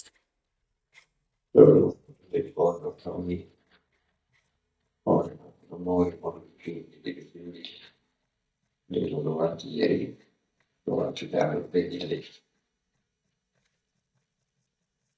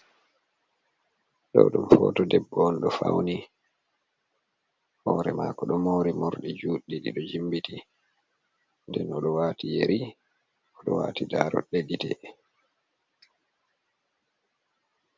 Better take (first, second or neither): second